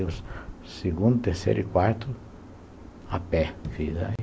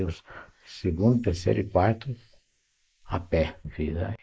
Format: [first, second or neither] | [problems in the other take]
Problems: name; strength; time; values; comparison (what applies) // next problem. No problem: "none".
first | noise reduction (neural mask model Resemble Enhance denoiser)